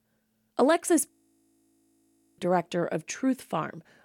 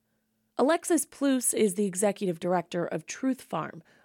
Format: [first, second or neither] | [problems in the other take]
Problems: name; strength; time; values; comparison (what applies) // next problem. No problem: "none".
second | audio freezing; at 1 s for 1.5 s